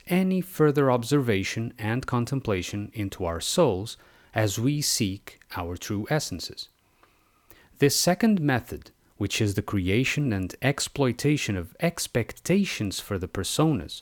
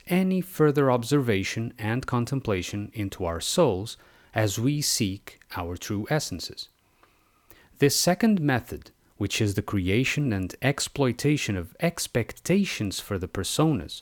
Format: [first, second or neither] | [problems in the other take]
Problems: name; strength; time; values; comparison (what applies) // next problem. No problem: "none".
neither | none